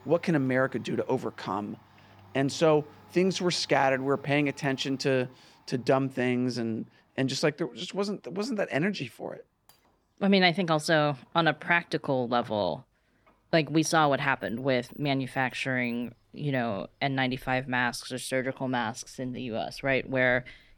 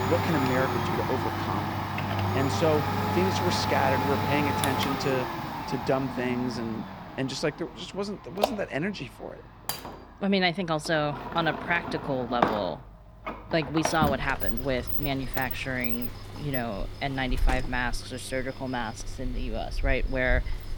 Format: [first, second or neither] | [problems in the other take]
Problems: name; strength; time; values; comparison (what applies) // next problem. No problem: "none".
first | household noises; loud; throughout; 1 dB below the speech; faint in the first